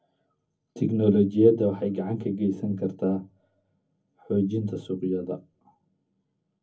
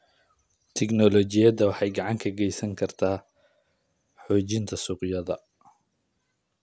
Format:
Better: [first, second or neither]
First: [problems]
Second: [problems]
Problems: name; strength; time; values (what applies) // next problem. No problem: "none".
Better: second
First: room echo; dies away in 0.3 s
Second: none